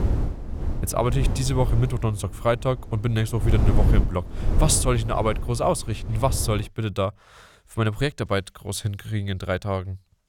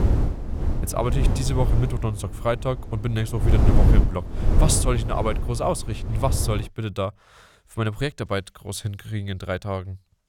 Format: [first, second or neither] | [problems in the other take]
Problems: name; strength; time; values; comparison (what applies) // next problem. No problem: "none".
first | wind noise on the microphone; heavy; until 6.5 s; 6 dB below the speech; occasional gusts in the first